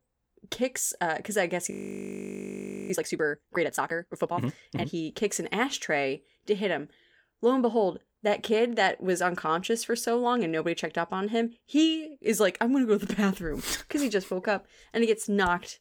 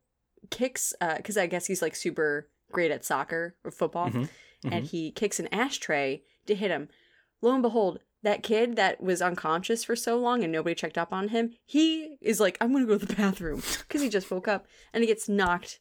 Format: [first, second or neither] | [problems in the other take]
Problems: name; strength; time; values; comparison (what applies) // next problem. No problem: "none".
second | audio freezing; at 1.5 s for 1 s